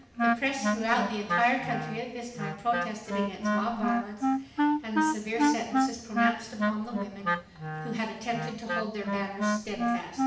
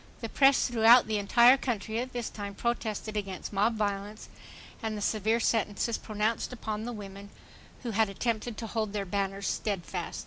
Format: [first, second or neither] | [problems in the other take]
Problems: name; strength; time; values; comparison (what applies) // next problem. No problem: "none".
second | background sound (Wind instrument, woodwind instrument); 3 dB above the speech // room echo; dies away in 0.8 s